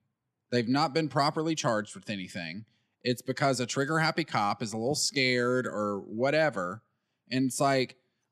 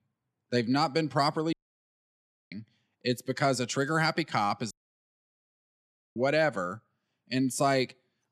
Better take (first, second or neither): first